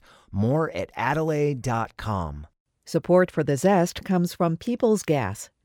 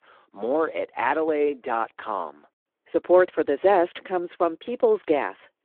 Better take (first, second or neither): first